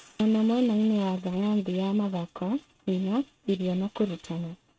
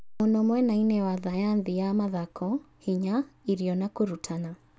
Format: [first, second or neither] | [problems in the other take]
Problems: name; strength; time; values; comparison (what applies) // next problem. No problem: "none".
second | noise reduction (neural mask model RNNoise)